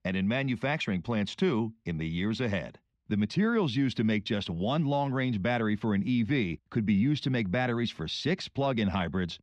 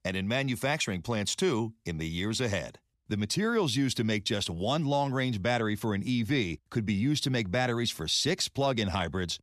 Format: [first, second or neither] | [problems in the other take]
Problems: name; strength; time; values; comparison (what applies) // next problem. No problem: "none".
second | muffled; slightly; fading above 2.5 kHz